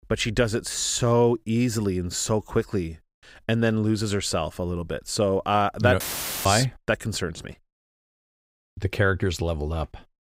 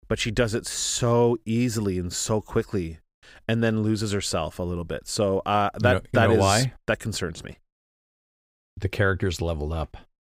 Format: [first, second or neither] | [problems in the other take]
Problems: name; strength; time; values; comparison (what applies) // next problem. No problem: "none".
second | audio cutting out; filled with static; at 6 s